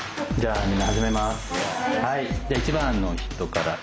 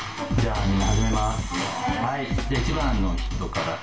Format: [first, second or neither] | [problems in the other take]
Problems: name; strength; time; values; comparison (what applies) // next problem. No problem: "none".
first | background sound (Drum / Drum kit); 14 dB below the speech // room echo; dies away in 0.2 s